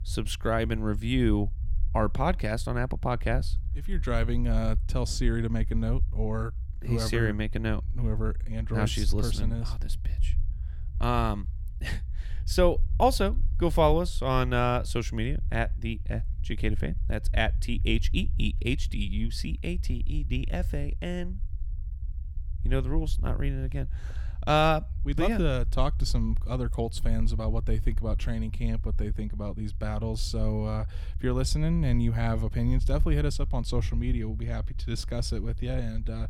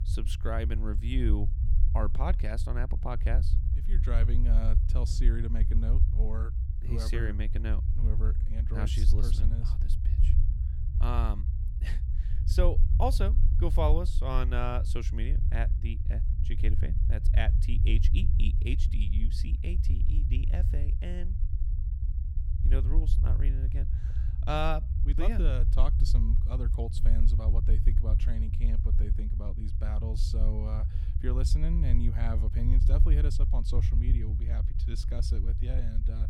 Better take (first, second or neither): first